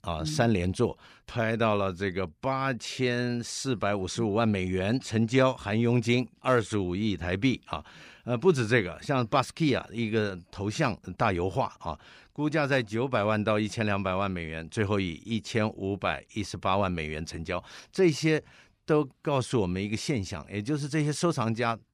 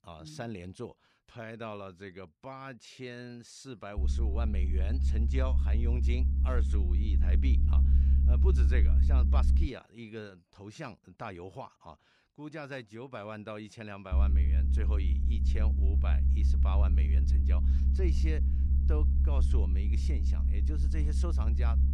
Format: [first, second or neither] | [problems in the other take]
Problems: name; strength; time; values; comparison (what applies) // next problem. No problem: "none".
first | low rumble; loud; from 4 to 9.5 s and from 14 s on; 3 dB below the speech